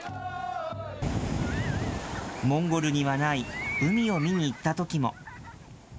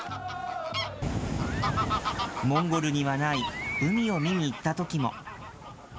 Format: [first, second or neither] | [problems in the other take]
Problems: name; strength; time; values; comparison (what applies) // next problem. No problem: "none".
first | background sound (Fowl); 7 dB below the speech